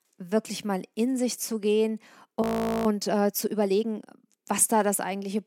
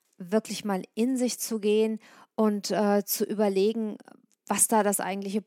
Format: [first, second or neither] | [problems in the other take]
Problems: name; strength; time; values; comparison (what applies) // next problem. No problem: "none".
second | audio freezing; at 2.5 s